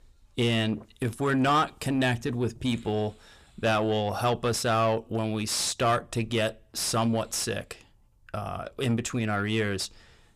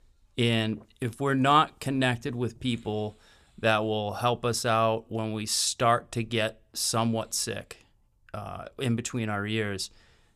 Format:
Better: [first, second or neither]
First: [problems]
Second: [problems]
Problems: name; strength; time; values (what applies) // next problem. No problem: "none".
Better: second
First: distortion; slight; 10 dB below the speech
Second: none